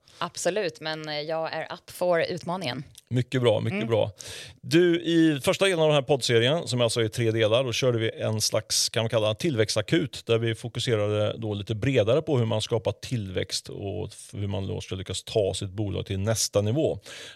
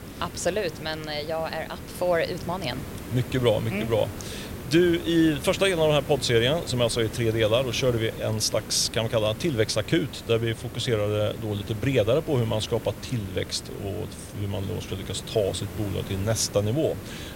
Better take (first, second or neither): first